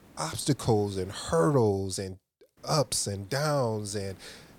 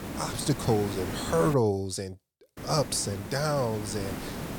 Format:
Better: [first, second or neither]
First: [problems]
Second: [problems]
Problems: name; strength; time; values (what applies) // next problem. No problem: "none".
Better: first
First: hiss; faint; until 1.5 s and from 2.5 s on; 25 dB below the speech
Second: hiss; loud; until 1.5 s and from 2.5 s on; 9 dB below the speech